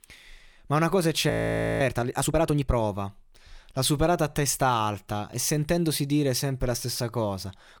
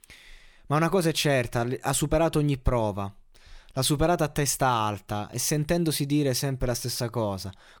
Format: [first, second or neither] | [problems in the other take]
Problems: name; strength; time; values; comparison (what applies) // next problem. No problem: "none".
second | audio freezing; at 1.5 s for 0.5 s